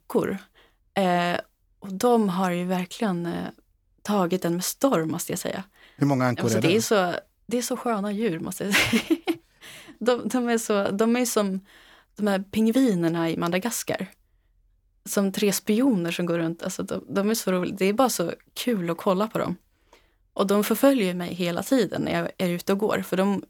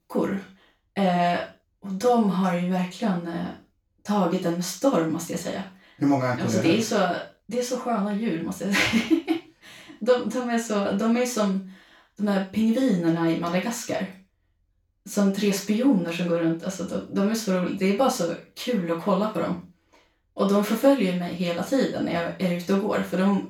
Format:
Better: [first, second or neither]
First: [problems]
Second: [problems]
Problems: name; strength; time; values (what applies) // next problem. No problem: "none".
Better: first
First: none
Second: room echo; noticeable; dies away in 0.3 s // off-mic speech; far